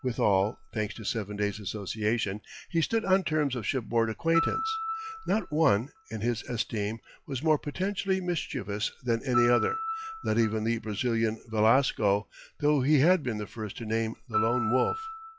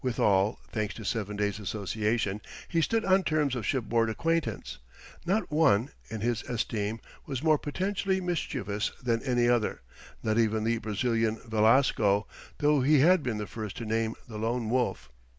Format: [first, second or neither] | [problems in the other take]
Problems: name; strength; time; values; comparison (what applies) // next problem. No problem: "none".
second | noise reduction (classical method log-MMSE)